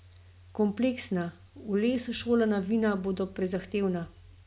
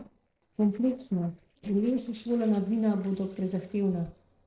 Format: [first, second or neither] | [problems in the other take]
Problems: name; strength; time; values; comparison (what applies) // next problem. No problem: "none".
first | noise reduction (neural separator model SepFormer DNS4)